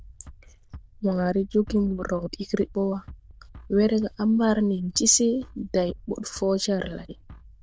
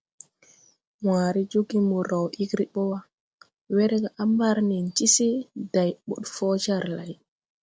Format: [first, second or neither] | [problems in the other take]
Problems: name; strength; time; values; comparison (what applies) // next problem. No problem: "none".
second | noise reduction (neural diffusion model UNIVERSE++)